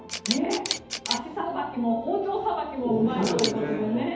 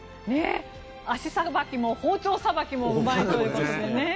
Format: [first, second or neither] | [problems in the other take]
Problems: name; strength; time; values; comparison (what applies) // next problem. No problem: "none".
second | background sound (Camera); 9 dB below the speech // room echo; dies away in 2.2 s